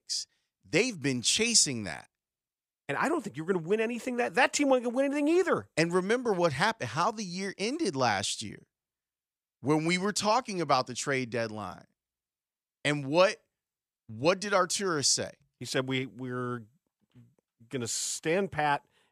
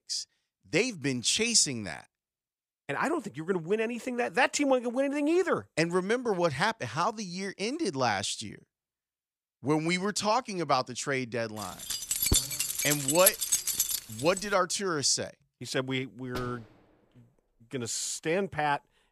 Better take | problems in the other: first | jangling keys; loud; from 12 to 14 s; peak 5 dB above the speech // door banging; faint; at 16 s; peak 15 dB below the speech

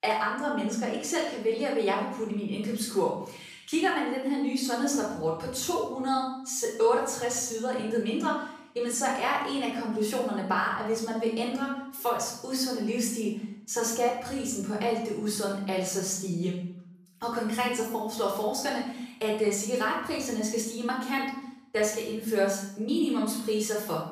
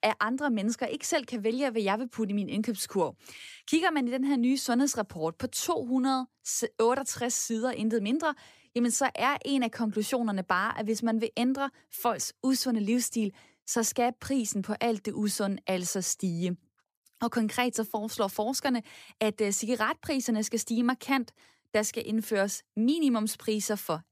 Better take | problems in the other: second | room echo; noticeable; dies away in 0.6 s // off-mic speech; far

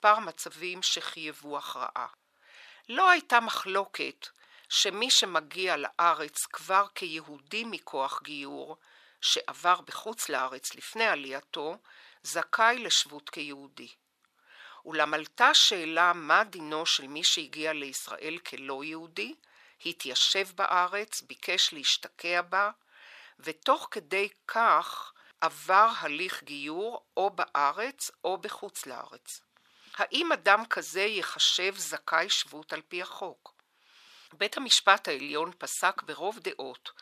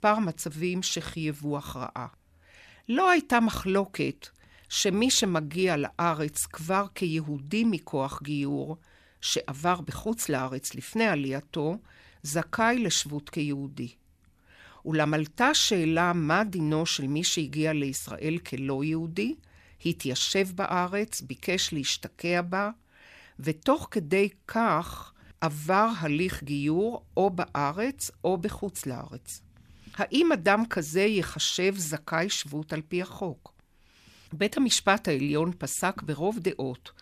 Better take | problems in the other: second | thin; very; fading below 550 Hz

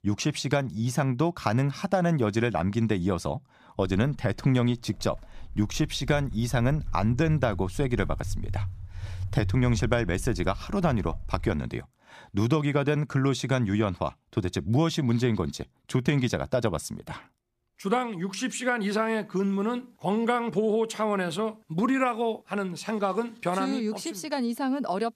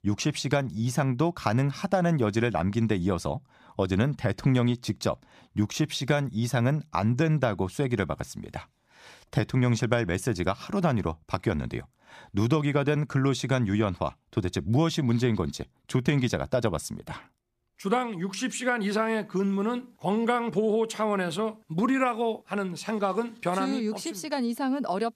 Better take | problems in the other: second | footsteps; noticeable; from 4 to 12 s; peak 6 dB below the speech

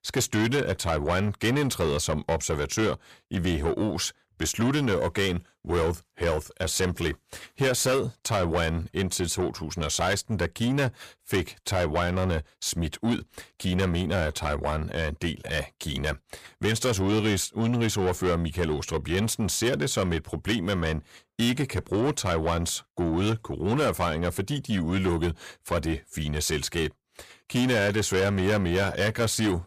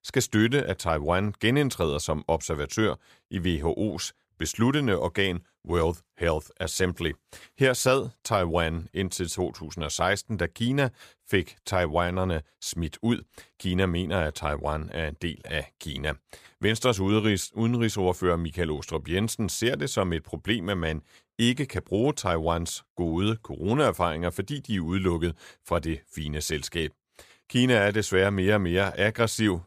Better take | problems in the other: second | distortion; heavy; 8 dB below the speech

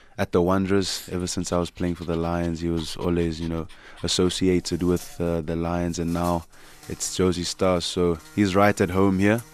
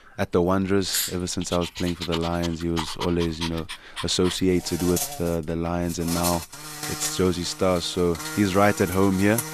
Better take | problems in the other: first | animal sounds; loud; throughout; 7 dB below the speech; faint in the first

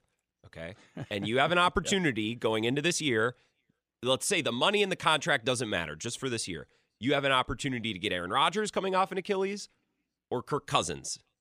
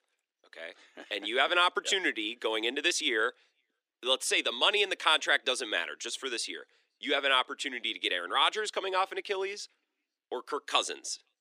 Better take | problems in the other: first | thin; somewhat; fading below 300 Hz

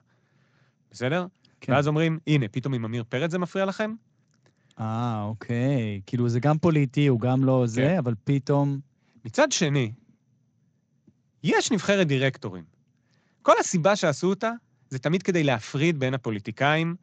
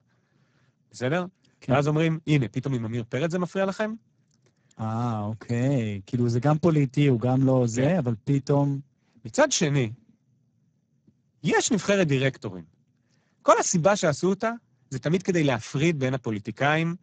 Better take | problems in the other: first | garbled, watery; badly; nothing above 7.5 kHz; slightly in the first

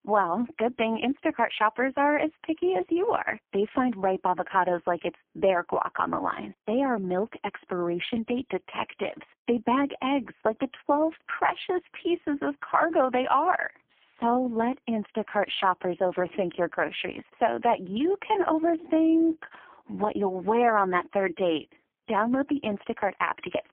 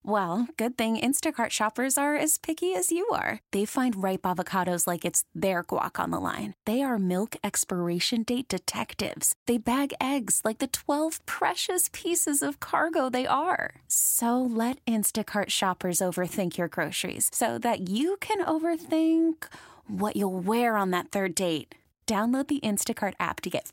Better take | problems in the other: second | phone-call audio; poor line; nothing above 3.5 kHz

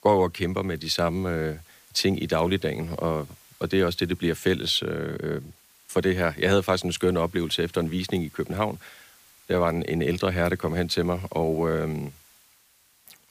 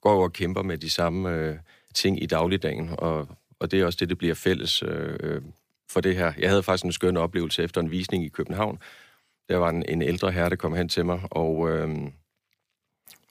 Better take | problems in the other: second | hiss; faint; throughout; 25 dB below the speech

